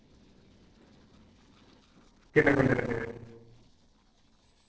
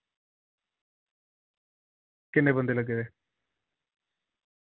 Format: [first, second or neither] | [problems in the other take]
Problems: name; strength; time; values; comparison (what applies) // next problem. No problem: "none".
second | noise reduction (neural separator model SepFormer DNS4)